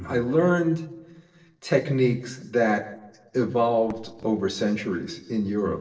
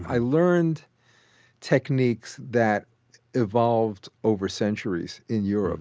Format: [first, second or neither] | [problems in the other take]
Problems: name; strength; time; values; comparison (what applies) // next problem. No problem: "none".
second | noise reduction (neural separator model SepFormer DNS4)